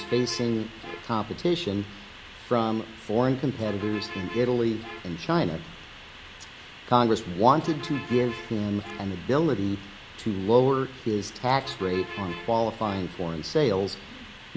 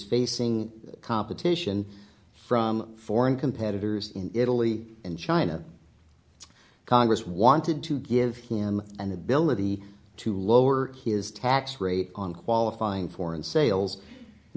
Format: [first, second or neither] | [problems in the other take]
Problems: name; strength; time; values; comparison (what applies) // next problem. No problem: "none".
second | background sound (Bus); 15 dB below the speech